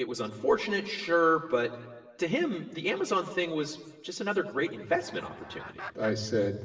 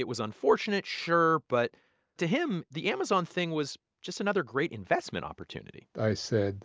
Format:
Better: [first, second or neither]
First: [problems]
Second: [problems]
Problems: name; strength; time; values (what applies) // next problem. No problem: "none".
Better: second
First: background sound (Chicken, rooster); 16 dB below the speech // room echo; dies away in 1.3 s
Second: none